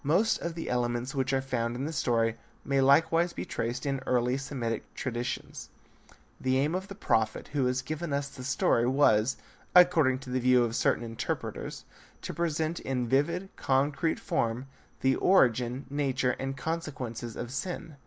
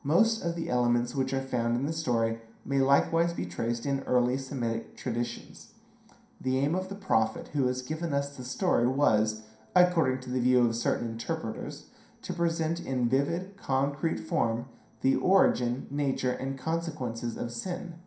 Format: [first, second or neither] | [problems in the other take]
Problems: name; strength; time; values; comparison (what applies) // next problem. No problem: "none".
first | room echo; dies away in 0.5 s